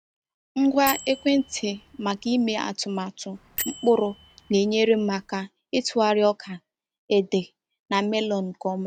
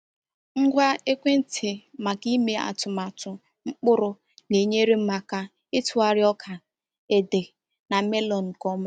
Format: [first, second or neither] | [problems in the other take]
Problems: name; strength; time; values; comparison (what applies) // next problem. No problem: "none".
second | background sound (Bell); 14 dB below the speech